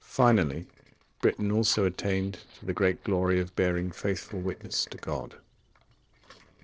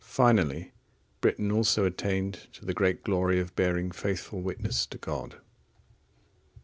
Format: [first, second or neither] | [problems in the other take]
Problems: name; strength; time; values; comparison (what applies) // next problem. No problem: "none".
second | noise reduction (neural separator model SepFormer DNS4)